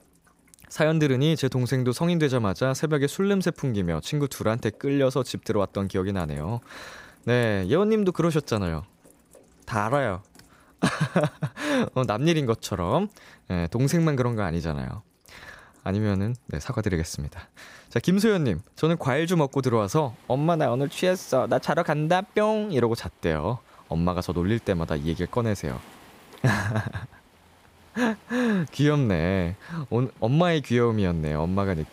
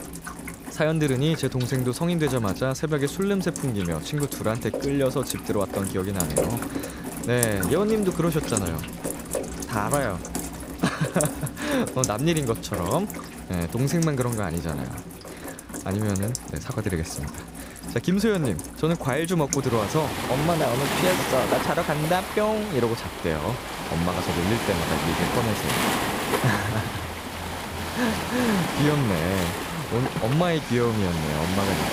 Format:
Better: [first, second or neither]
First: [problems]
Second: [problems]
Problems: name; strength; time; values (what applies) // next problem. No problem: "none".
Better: first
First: rain or running water; faint; throughout; 30 dB below the speech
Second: rain or running water; loud; throughout; 4 dB below the speech